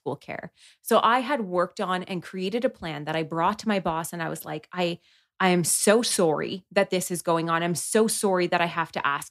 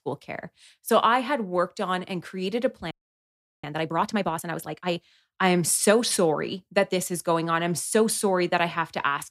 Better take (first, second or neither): first